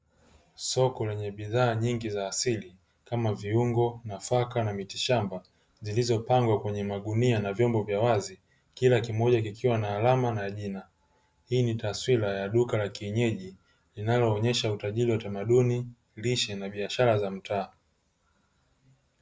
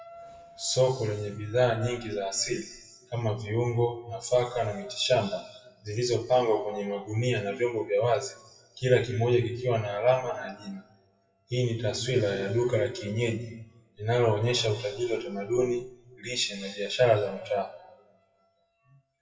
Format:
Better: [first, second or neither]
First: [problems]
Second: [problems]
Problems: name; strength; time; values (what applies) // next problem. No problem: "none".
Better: first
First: none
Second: noise reduction (classical method WPE with log-MMSE)